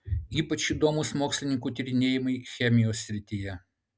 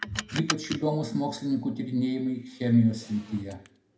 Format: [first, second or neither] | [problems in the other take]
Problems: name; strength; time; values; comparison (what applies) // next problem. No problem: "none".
first | background sound (Car); 13 dB below the speech // room echo; dies away in 0.5 s